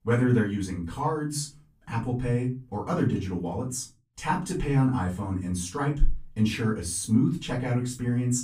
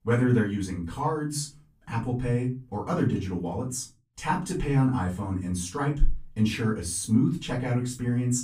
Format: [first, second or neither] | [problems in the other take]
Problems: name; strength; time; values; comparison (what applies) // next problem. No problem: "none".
neither | off-mic speech; far; the same in both // room echo; very slight; dies away in 0.3 s; the same in both